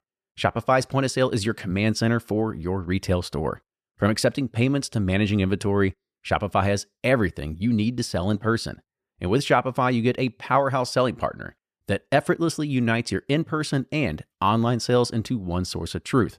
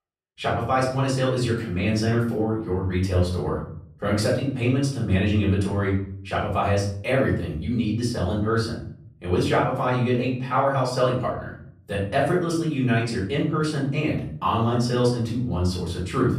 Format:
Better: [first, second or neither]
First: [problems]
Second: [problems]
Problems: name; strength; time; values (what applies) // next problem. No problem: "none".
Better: first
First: none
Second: off-mic speech; far // room echo; noticeable; dies away in 0.6 s